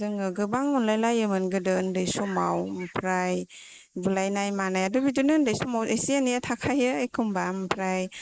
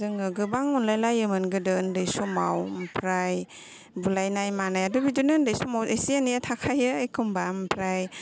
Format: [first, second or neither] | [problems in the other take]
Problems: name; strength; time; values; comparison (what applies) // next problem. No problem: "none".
second | noise reduction (neural mask model Resemble Enhance denoiser)